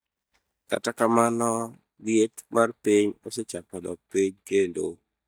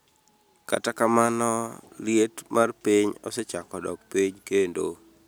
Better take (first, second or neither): second